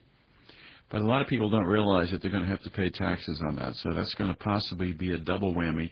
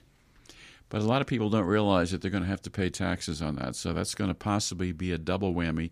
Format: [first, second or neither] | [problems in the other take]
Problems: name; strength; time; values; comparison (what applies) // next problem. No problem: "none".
second | garbled, watery; badly